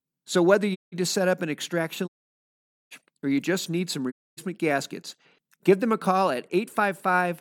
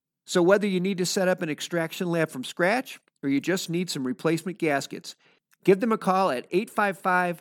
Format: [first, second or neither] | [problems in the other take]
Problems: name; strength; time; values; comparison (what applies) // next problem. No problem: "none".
second | audio cutting out; at 1 s, at 2 s for 1 s and at 4 s